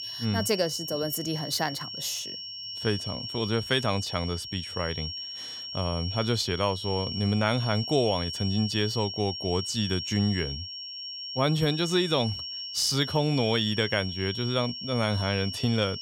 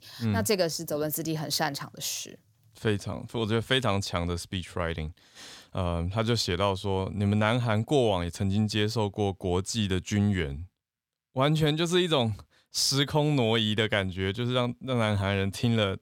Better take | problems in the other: second | high-pitched whine; loud; throughout; 5.5 kHz, 6 dB below the speech

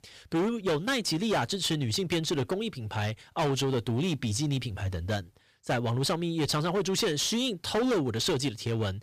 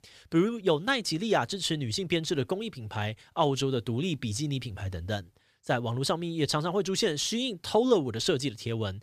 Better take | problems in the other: second | distortion; heavy; 13% of the sound clipped

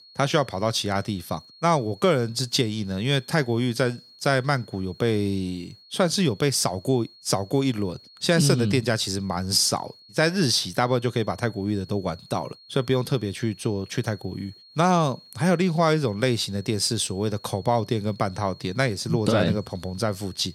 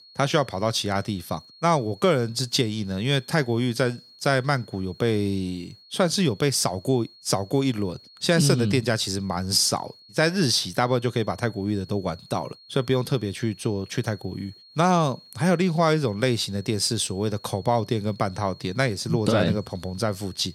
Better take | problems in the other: neither | high-pitched whine; faint; throughout; 4.5 kHz, 25 dB below the speech; the same in both

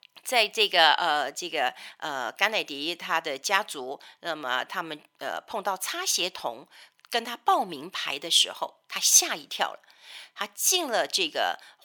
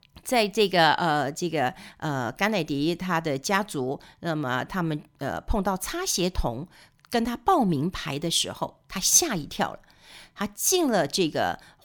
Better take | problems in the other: second | thin; very; fading below 600 Hz

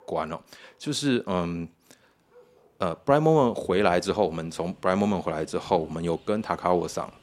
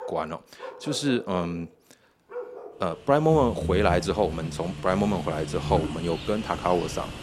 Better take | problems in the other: first | animal sounds; loud; throughout; 9 dB below the speech; faint in the first

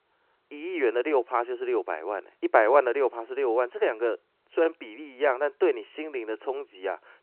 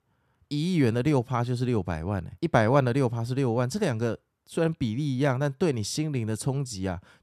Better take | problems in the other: second | phone-call audio

